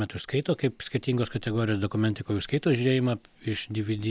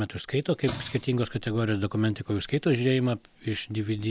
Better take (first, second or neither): first